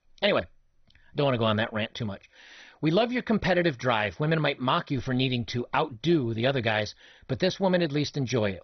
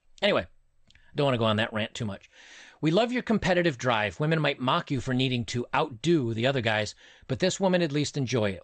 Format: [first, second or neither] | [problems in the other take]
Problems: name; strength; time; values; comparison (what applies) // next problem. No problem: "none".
second | garbled, watery; badly; nothing above 6 kHz; slightly in the second